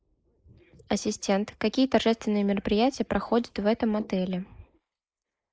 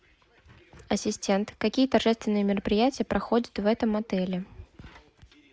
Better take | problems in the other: second | noise reduction (neural mask model Resemble Enhance denoiser)

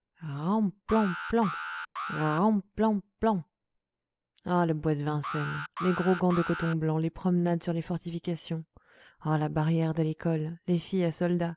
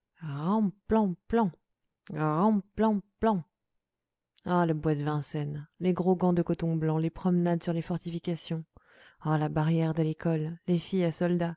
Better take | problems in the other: second | background sound (Alarm); 8 dB below the speech

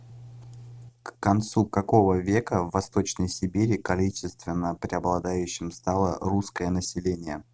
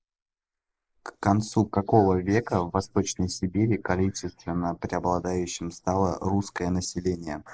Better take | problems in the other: first | noise reduction (neural mask model Resemble Enhance denoiser)

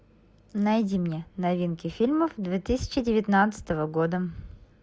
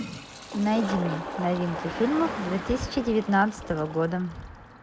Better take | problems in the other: first | background sound (Car passing by + Toilet flush); 9 dB below the speech

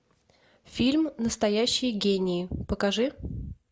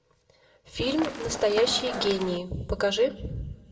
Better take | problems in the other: first | background sound (Run); 7 dB below the speech // room echo; dies away in 0.7 s

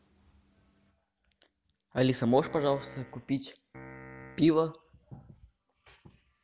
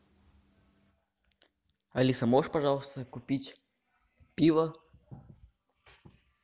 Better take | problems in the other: second | background sound (Piano); 16 dB below the speech

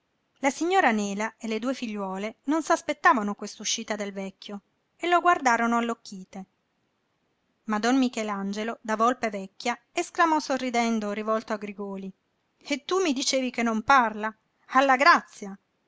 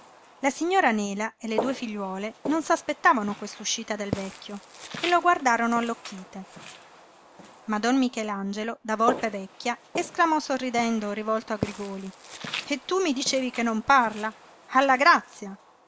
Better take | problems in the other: first | background sound (Walk, footsteps); 13 dB below the speech

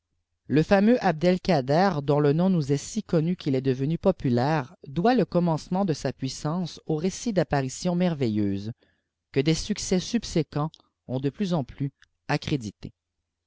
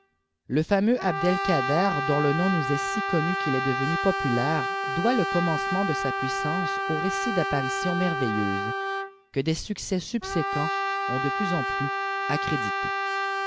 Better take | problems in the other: first | background sound (Brass instrument); 1 dB below the speech

